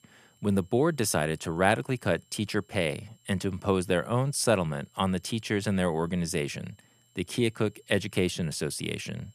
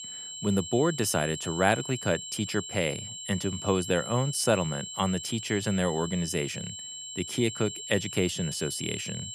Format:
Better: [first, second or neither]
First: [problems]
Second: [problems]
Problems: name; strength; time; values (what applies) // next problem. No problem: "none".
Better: first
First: high-pitched whine; faint; throughout; 7.5 kHz, 35 dB below the speech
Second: high-pitched whine; loud; throughout; 7.5 kHz, 8 dB below the speech